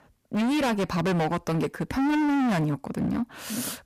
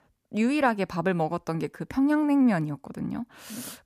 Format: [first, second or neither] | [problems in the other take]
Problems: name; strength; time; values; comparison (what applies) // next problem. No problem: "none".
second | distortion; heavy; 29% of the sound clipped